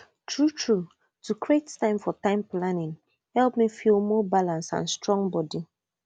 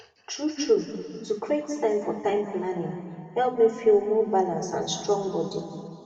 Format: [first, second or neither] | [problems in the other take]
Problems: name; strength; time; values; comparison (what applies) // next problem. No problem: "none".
first | room echo; dies away in 2.5 s